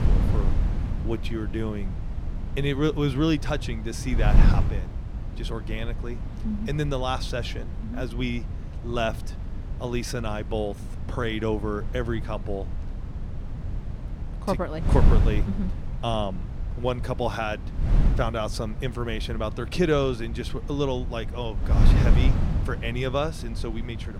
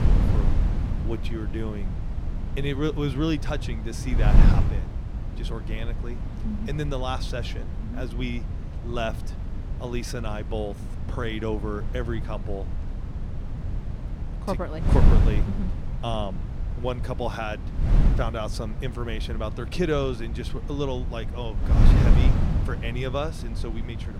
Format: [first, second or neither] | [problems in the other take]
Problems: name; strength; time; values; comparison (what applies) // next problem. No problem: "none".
first | wind noise on the microphone; heavy; 6 dB below the speech; occasional gusts in the first